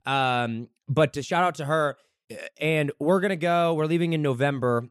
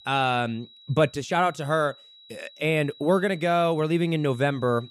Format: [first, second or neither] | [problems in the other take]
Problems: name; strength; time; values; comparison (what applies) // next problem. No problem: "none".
first | high-pitched whine; faint; throughout; 4 kHz, 25 dB below the speech